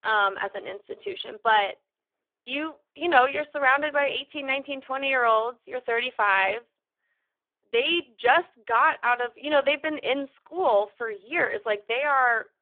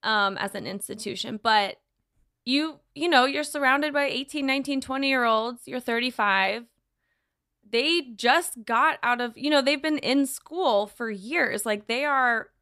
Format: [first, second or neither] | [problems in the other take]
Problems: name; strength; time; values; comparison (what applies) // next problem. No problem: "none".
second | phone-call audio; poor line